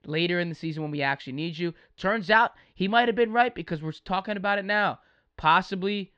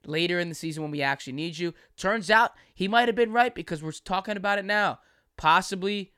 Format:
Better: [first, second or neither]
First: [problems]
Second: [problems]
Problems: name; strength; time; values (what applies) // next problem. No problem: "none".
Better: second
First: muffled; very slightly; fading above 4 kHz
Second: none